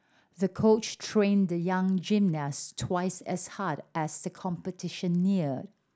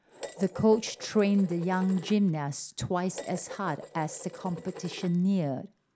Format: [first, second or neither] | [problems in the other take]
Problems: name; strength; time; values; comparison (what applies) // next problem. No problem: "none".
first | background sound (Dishes, pots, and pans); 17 dB below the speech